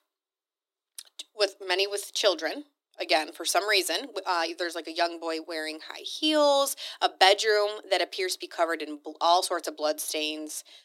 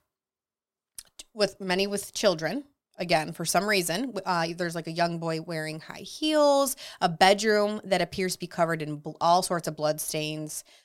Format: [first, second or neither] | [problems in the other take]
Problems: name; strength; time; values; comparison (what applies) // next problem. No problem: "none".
second | thin; somewhat; fading below 300 Hz